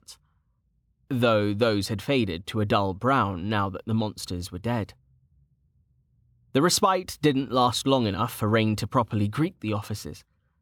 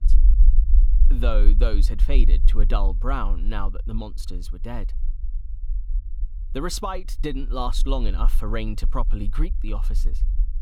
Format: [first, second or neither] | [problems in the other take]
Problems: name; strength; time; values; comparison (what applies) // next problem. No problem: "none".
first | low rumble; noticeable; throughout; 15 dB below the speech